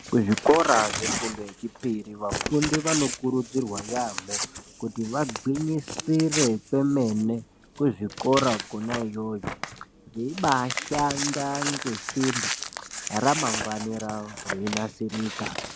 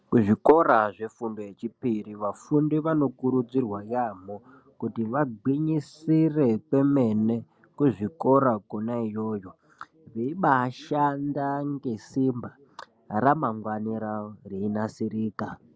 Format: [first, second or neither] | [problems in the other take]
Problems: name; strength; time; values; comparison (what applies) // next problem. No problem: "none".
second | background sound (Crumpling, crinkling / Tearing); 6 dB below the speech